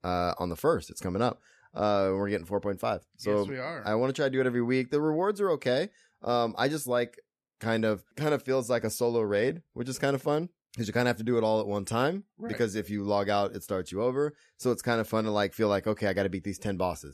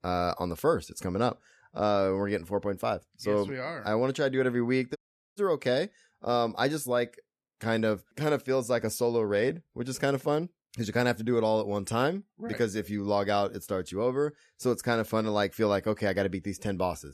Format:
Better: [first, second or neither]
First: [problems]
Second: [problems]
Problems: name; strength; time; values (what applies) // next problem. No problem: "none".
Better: first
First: none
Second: audio cutting out; at 5 s